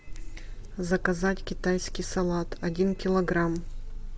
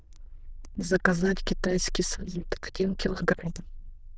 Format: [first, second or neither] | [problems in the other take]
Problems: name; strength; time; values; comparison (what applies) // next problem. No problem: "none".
first | noise reduction (neural diffusion model UNIVERSE++)